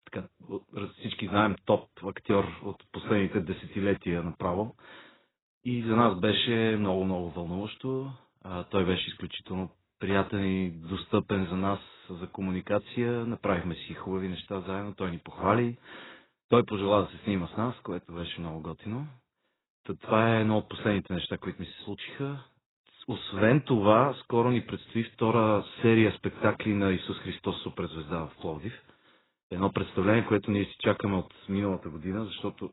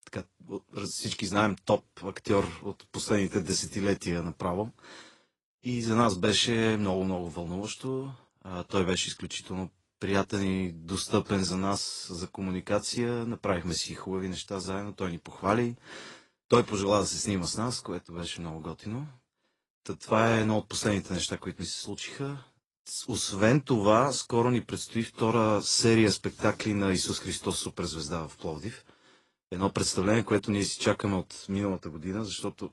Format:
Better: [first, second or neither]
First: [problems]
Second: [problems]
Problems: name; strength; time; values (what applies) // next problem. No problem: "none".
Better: second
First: garbled, watery; badly; nothing above 4 kHz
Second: garbled, watery; slightly; nothing above 10.5 kHz